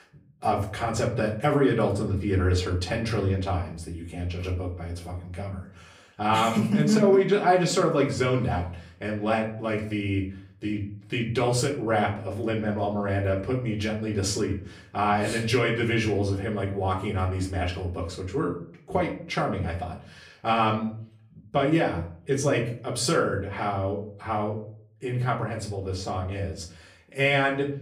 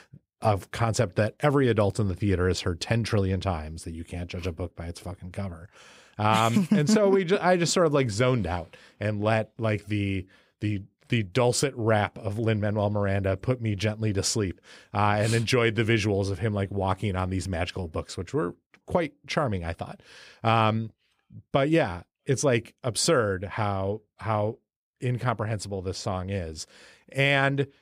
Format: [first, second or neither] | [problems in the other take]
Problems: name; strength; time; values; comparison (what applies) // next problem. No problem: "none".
second | room echo; slight; dies away in 0.4 s // off-mic speech; far